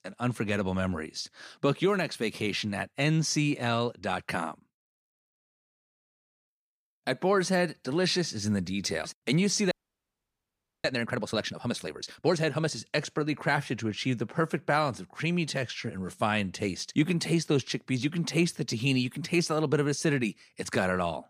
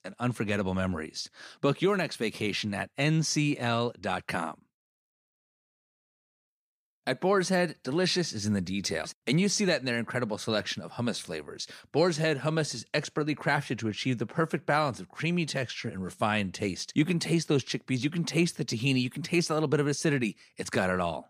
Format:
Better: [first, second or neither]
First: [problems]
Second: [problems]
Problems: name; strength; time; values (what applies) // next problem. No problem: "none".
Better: second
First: audio freezing; at 9.5 s for 1 s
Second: none